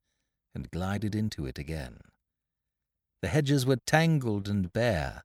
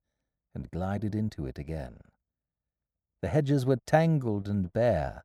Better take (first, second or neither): first